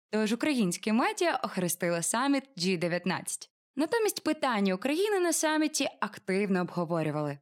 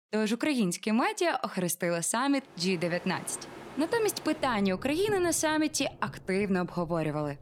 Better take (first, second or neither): first